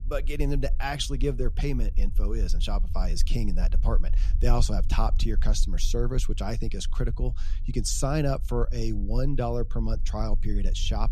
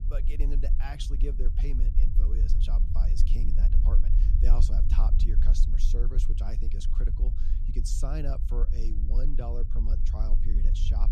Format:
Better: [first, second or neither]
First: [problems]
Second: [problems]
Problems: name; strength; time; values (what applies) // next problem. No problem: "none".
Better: first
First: low rumble; faint; throughout; 20 dB below the speech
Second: low rumble; loud; throughout; 5 dB below the speech